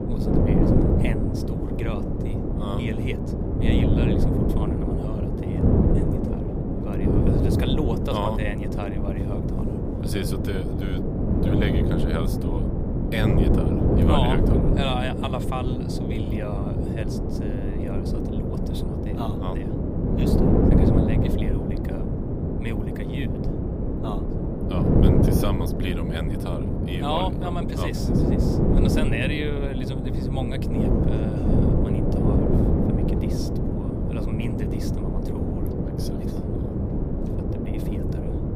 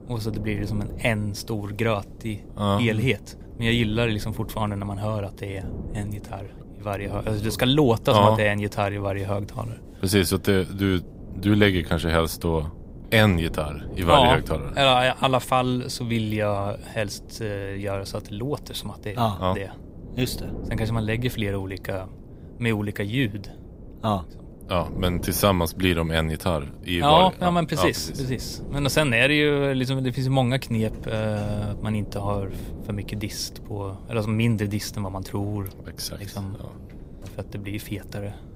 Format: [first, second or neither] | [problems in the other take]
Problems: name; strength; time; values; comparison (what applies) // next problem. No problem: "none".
second | wind noise on the microphone; heavy; 3 dB above the speech; occasional gusts in the second